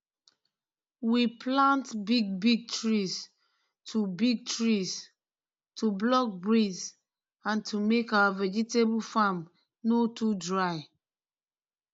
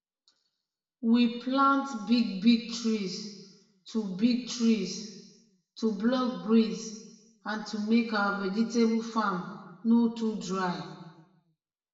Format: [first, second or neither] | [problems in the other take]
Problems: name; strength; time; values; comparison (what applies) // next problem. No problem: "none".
first | room echo; dies away in 1.1 s